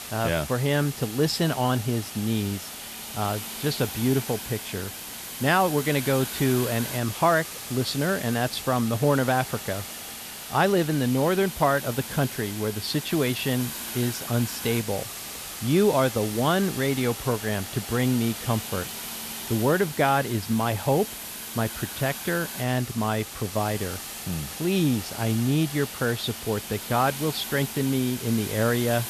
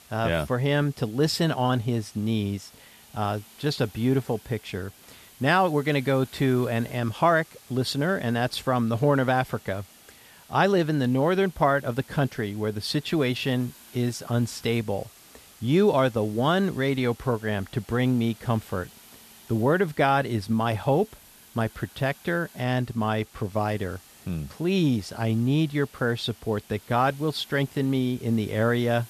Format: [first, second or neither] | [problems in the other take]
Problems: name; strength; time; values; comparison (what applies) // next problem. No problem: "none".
second | hiss; loud; throughout; 8 dB below the speech; faint in the second